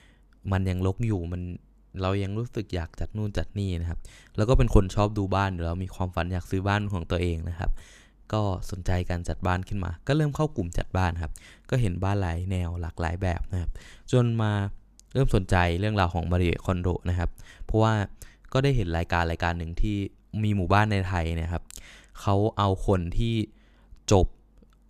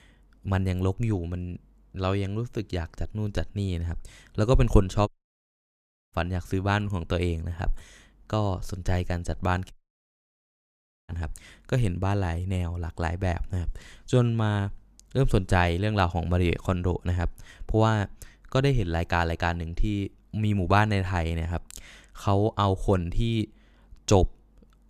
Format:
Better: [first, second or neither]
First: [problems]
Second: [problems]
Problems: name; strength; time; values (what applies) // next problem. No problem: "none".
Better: first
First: none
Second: audio cutting out; at 5 s for 1 s and at 9.5 s for 1.5 s